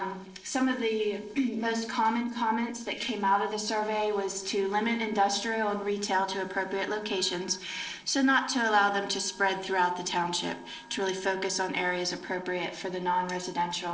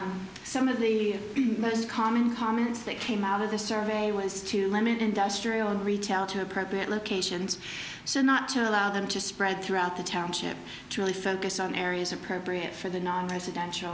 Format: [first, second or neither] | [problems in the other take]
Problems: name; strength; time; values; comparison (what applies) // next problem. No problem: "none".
second | noise reduction (neural separator model SepFormer DNS4)